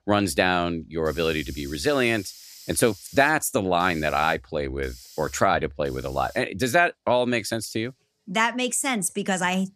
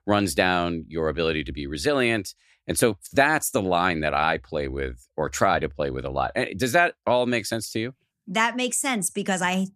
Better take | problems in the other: second | hiss; faint; throughout; 20 dB below the speech

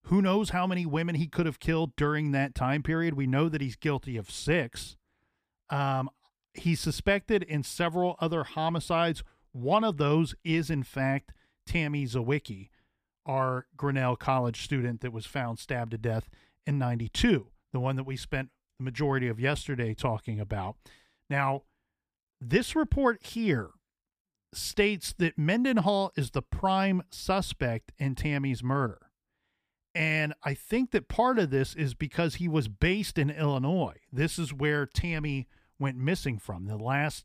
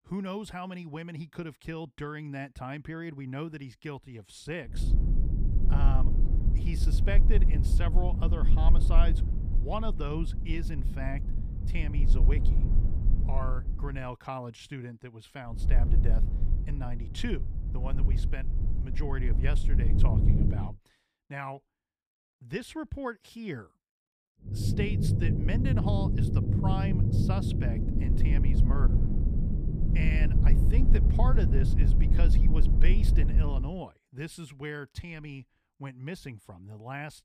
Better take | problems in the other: first | low rumble; loud; from 5 to 14 s, from 16 to 21 s and from 25 to 34 s; 2 dB below the speech

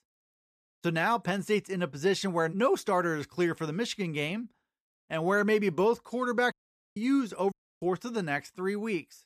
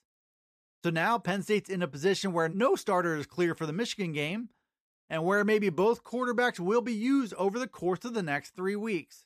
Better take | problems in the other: second | audio cutting out; at 6.5 s and at 7.5 s

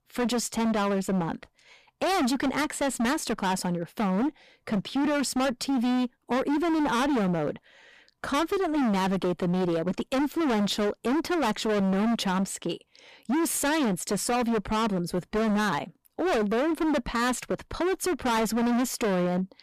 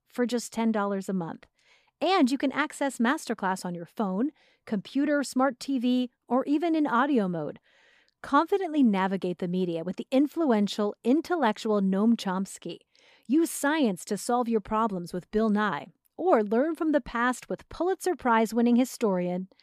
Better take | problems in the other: second | distortion; heavy; 31% of the sound clipped

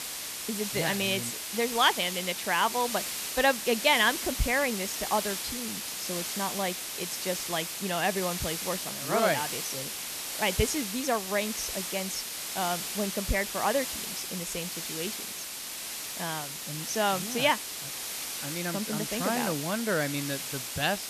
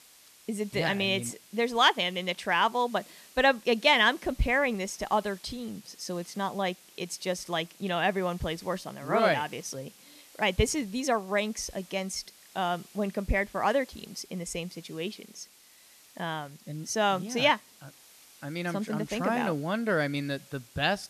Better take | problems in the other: second | hiss; loud; throughout; 3 dB below the speech; faint in the second

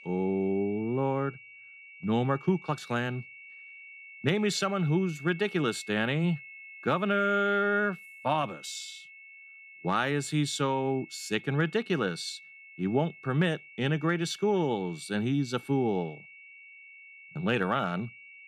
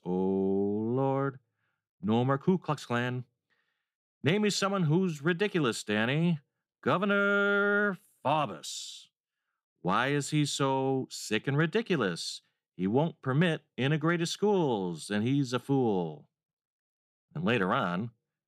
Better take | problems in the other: second | high-pitched whine; noticeable; throughout; 2 kHz, 20 dB below the speech

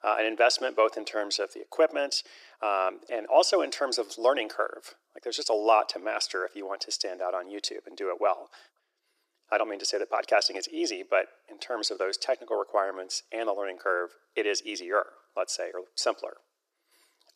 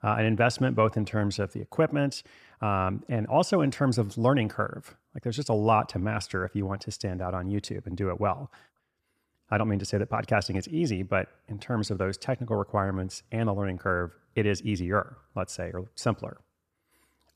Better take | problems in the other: second | thin; very; fading below 350 Hz

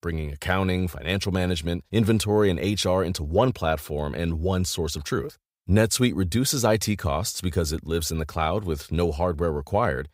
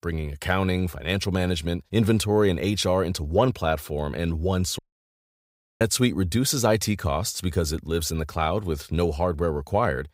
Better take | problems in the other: first | audio cutting out; at 5 s for 1 s

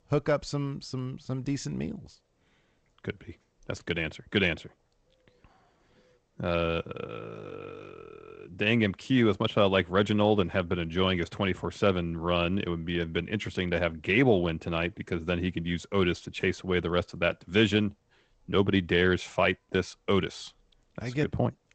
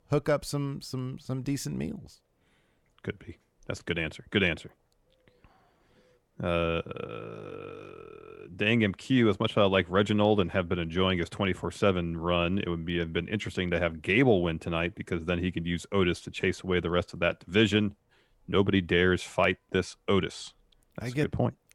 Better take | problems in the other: second | garbled, watery; slightly; nothing above 8 kHz

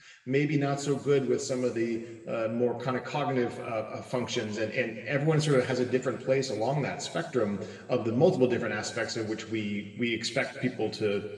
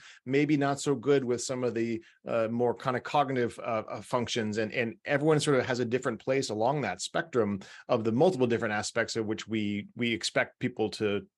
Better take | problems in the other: second | room echo; noticeable; dies away in 1.6 s // off-mic speech; somewhat distant

